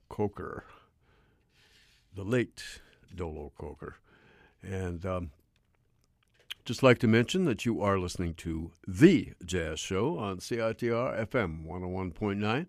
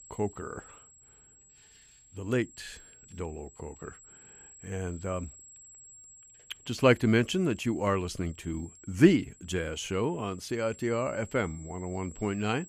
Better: first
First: none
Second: high-pitched whine; faint; throughout; 7.5 kHz, 20 dB below the speech

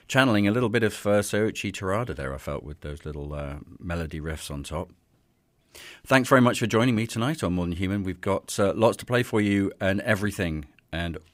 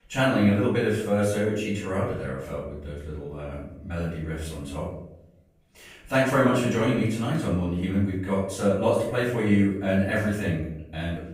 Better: first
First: none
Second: off-mic speech; far // room echo; noticeable; dies away in 0.7 s

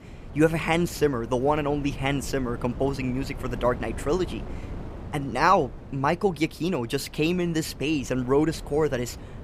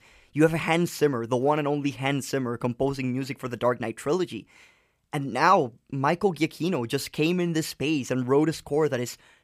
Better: second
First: wind noise on the microphone; occasional gusts; 20 dB below the speech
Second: none

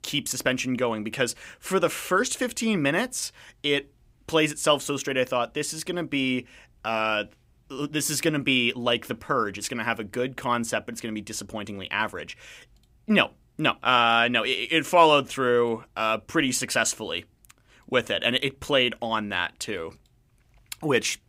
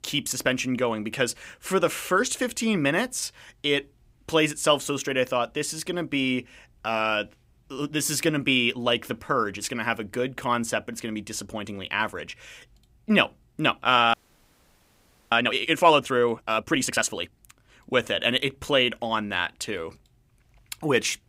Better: first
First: none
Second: audio freezing; at 14 s for 1 s

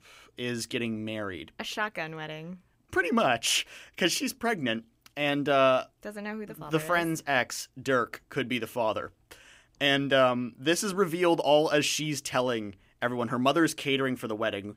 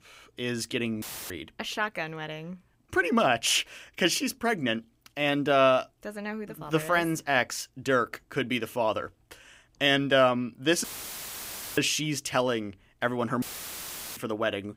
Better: first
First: none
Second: audio cutting out; filled with static; at 1 s, at 11 s for 1 s and at 13 s for 1 s

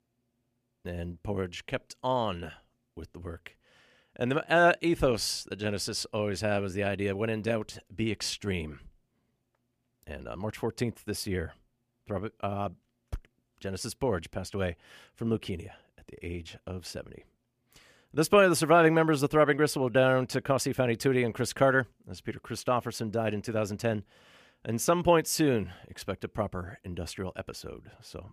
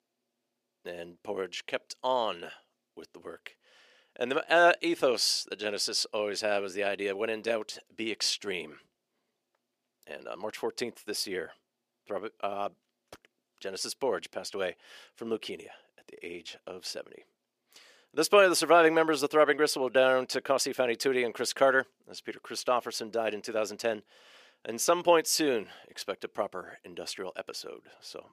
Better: first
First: none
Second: thin; somewhat; fading below 400 Hz

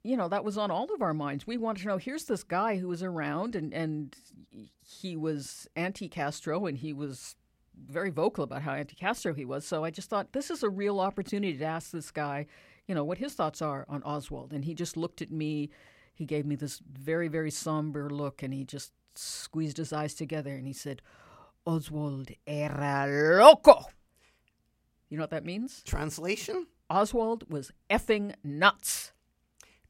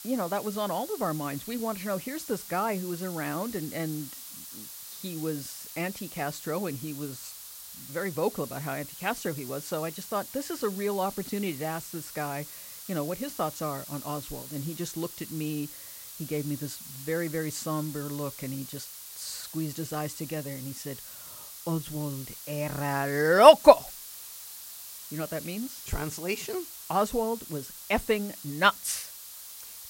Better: first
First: none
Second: hiss; noticeable; throughout; 10 dB below the speech

